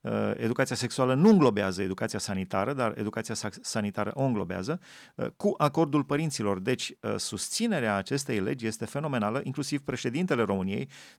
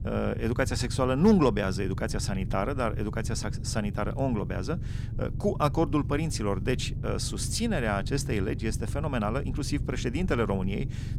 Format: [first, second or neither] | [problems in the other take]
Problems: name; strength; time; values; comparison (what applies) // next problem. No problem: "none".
first | low rumble; noticeable; throughout; 15 dB below the speech